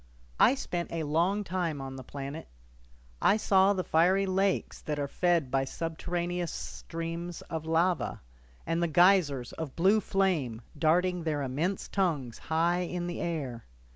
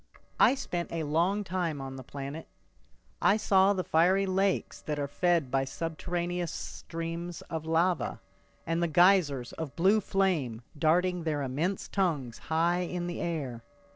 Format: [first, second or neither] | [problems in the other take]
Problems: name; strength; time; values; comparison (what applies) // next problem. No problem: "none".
first | noise reduction (neural separator model SepFormer DNS4)